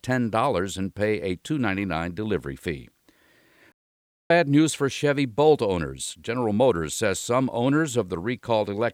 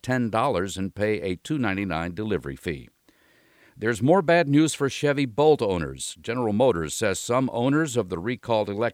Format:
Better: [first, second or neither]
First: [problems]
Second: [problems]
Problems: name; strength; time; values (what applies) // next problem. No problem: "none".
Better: second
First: audio cutting out; at 3.5 s for 0.5 s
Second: none